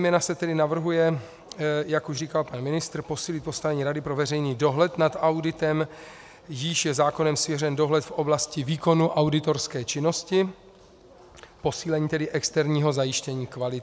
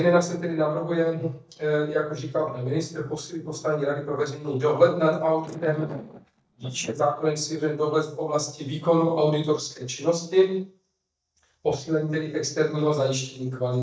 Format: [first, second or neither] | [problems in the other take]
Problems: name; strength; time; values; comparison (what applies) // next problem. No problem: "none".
first | noise reduction (neural mask model DeepFilterNet 3)